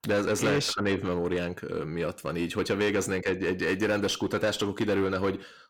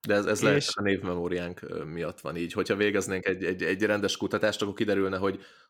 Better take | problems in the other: second | distortion; slight; 10 dB below the speech

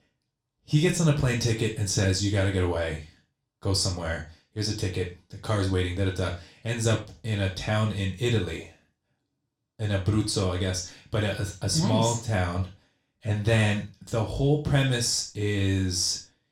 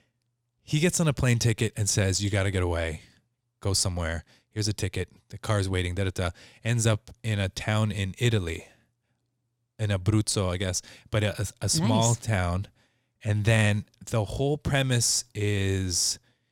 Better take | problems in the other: second | room echo; slight; dies away in 0.3 s // off-mic speech; far

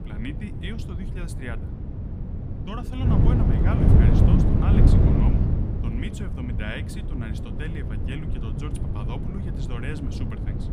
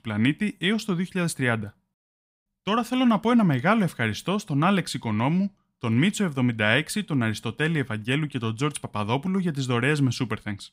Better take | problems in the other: second | wind noise on the microphone; heavy; 4 dB above the speech

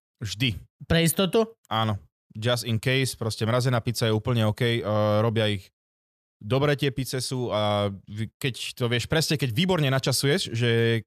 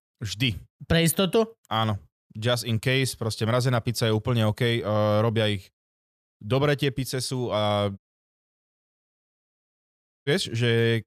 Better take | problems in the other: first | audio cutting out; at 8 s for 2.5 s

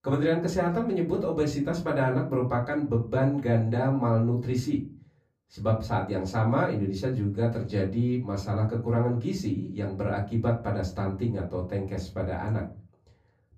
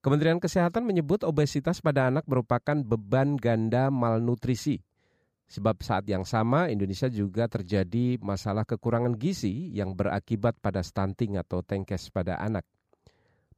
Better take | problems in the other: second | off-mic speech; far // room echo; very slight; dies away in 0.3 s

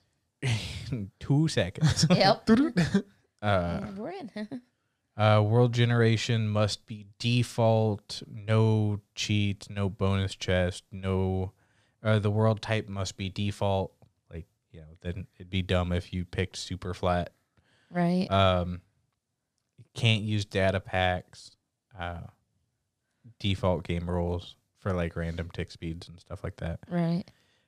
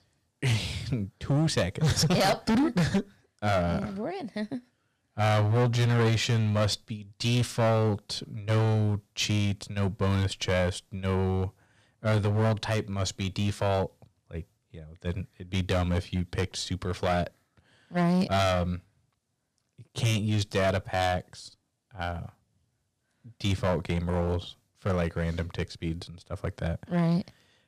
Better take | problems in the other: first | distortion; heavy; 9% of the sound clipped

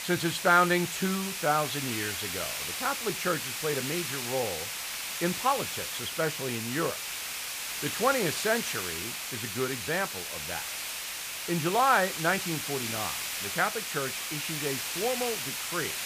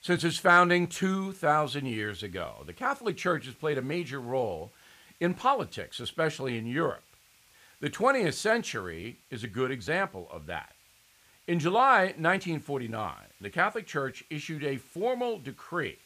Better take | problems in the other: second | hiss; loud; throughout; 2 dB below the speech; faint in the second

